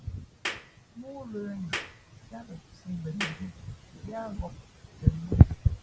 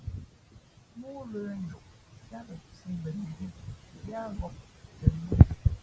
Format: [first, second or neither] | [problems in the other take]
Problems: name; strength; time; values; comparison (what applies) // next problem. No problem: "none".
second | background sound (Clapping); 11 dB below the speech